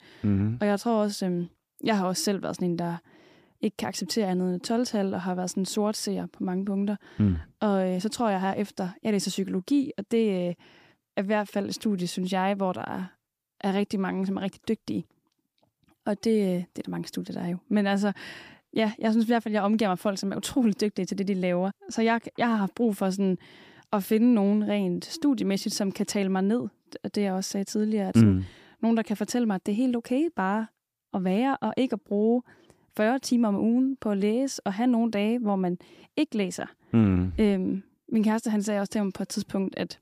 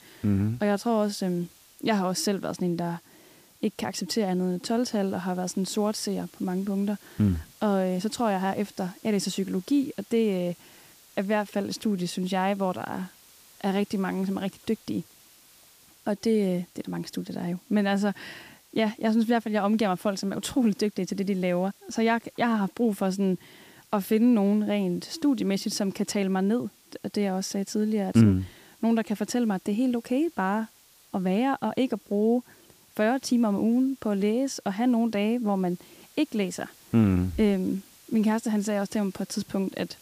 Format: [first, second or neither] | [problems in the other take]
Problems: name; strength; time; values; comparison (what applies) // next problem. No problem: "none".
first | hiss; faint; throughout; 25 dB below the speech